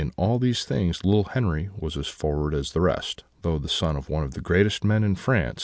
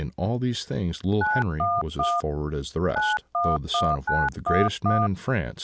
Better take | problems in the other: first | background sound (Telephone); 2 dB above the speech

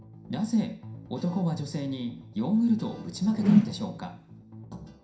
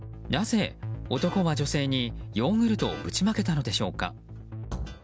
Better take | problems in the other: second | background sound (Whoosh, swoosh, swish); 2 dB above the speech // room echo; dies away in 0.5 s

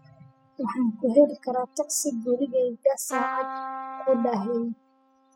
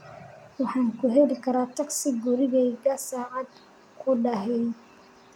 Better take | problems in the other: second | noise reduction (classical method spectral subtraction)

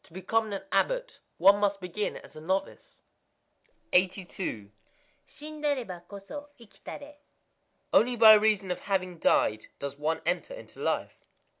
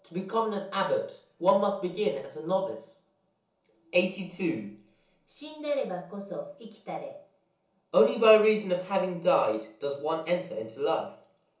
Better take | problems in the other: first | room echo; dies away in 0.7 s

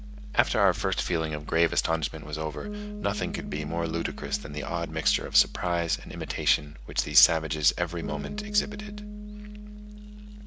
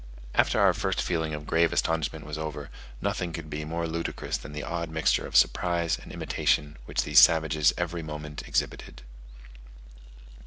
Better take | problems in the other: second | background sound (Bass guitar); 13 dB below the speech

